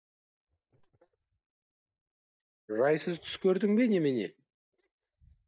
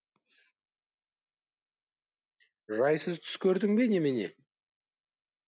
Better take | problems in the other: second | noise reduction (neural mask model DeepFilterNet 3)

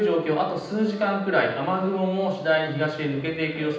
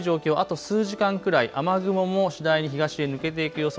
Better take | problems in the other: second | room echo; dies away in 0.9 s

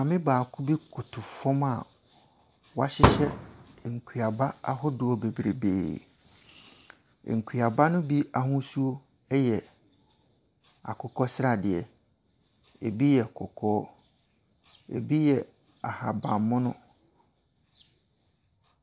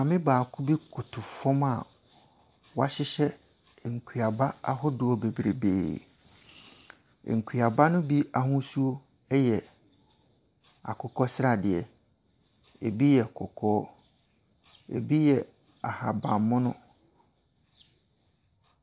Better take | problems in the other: second | background sound (Fireworks); 4 dB above the speech

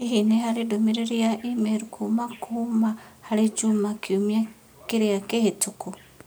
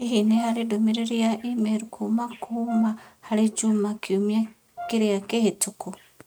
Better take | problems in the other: first | noise reduction (neural mask model RNNoise)

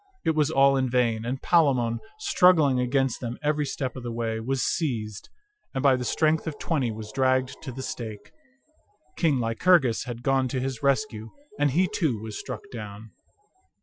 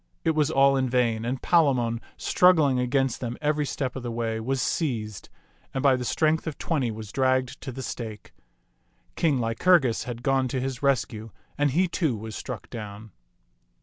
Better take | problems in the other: second | noise reduction (classical method Wiener filter)

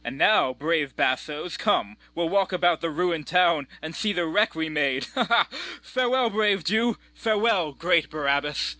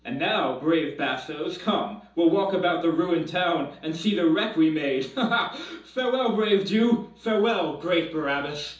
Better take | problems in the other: first | room echo; dies away in 0.6 s

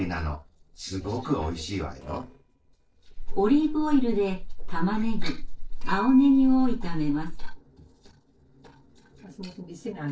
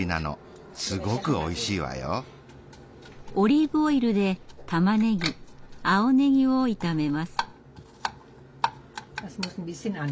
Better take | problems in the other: second | noise reduction (neural separator model SepFormer DNS4)

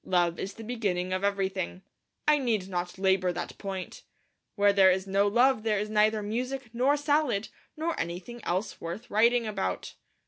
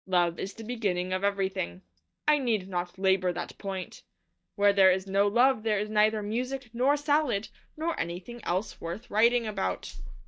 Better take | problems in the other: first | noise reduction (neural mask model DeepFilterNet 3)

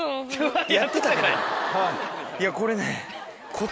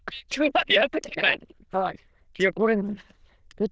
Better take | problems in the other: first | noise reduction (neural diffusion model UNIVERSE++)

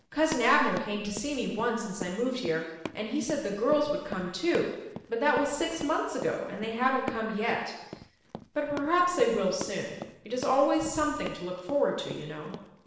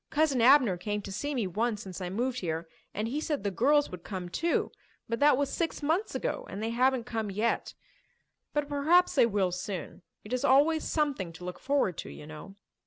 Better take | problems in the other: second | background sound (Run); 15 dB below the speech // room echo; dies away in 0.9 s

